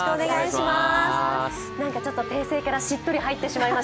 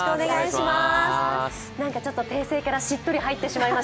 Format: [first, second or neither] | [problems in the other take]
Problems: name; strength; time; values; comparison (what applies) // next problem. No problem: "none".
second | background sound (Wind instrument, woodwind instrument); 13 dB below the speech